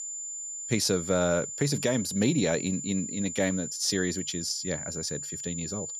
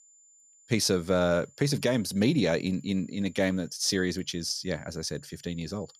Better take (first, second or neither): second